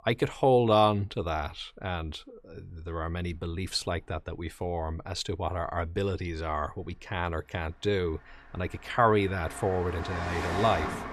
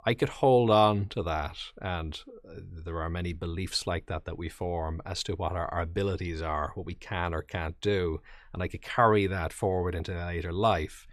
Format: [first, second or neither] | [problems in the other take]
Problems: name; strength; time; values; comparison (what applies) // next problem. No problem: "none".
second | traffic noise; loud; throughout; 7 dB below the speech